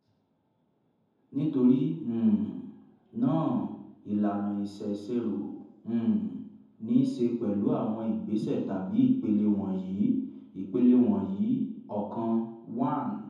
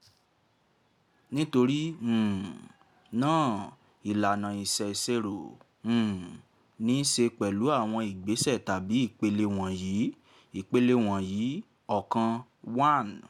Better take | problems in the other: second | room echo; dies away in 0.9 s

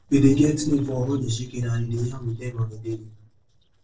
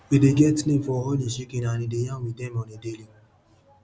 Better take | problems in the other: second | noise reduction (neural separator model SepFormer DNS4)

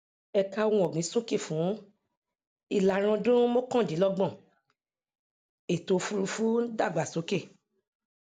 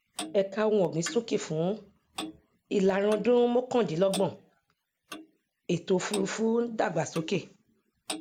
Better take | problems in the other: first | background sound (Clock); 15 dB below the speech

